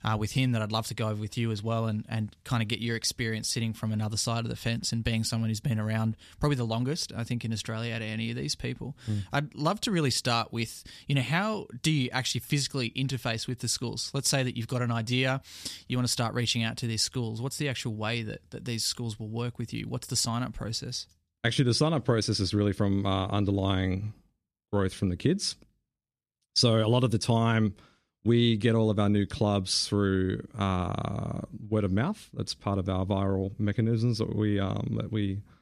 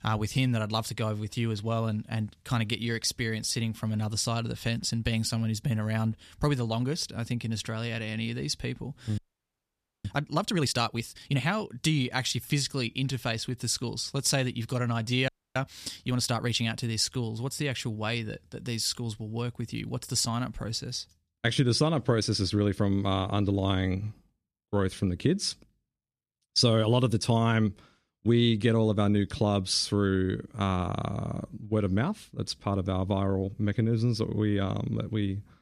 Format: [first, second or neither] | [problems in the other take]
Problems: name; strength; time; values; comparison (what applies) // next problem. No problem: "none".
first | audio freezing; at 9 s for 1 s and at 15 s